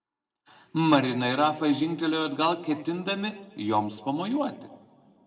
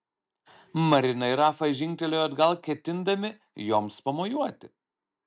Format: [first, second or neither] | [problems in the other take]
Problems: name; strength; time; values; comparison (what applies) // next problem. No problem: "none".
second | room echo; dies away in 1.5 s